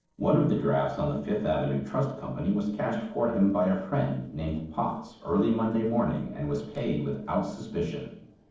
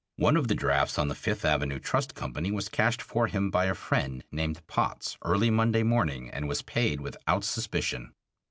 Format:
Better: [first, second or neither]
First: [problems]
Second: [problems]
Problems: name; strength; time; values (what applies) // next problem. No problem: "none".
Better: second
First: noise reduction (neural separator model SepFormer DNS4)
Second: none